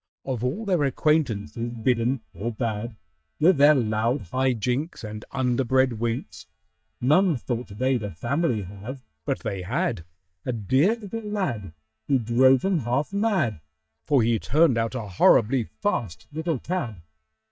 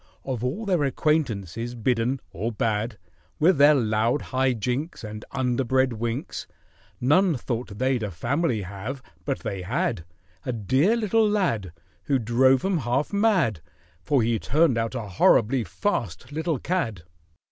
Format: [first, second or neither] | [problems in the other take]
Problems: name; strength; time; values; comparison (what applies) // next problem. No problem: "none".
second | noise reduction (neural mask model DeepFilterNet 3)